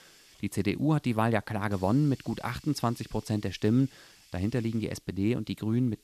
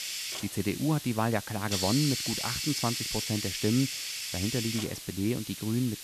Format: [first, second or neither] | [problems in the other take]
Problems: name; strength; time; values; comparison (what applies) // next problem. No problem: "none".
first | hiss; loud; throughout; 2 dB below the speech; faint in the first